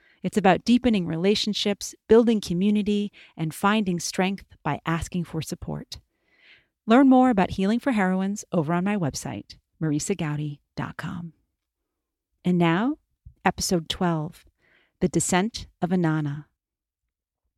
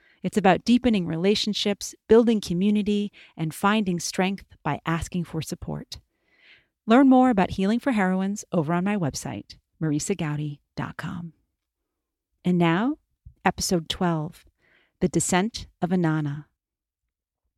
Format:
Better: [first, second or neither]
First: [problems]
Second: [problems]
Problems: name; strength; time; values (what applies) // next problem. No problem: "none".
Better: neither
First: none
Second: none